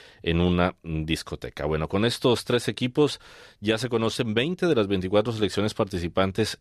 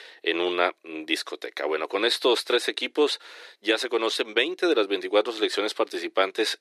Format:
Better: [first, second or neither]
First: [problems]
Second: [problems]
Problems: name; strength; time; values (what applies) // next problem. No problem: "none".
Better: first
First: none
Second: thin; very; fading below 350 Hz